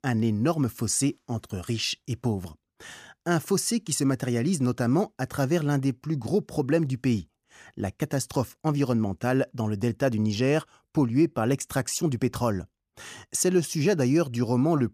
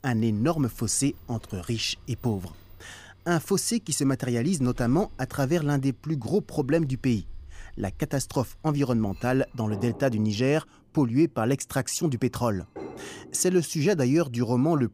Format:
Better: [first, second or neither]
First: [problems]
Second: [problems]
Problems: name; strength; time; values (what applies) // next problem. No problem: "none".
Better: first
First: none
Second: household noises; faint; throughout; 20 dB below the speech